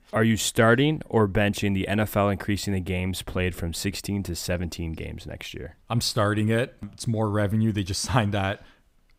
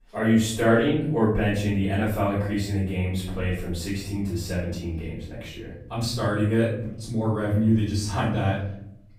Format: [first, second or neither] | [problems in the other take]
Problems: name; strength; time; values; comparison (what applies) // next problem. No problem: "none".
first | off-mic speech; far // room echo; noticeable; dies away in 0.8 s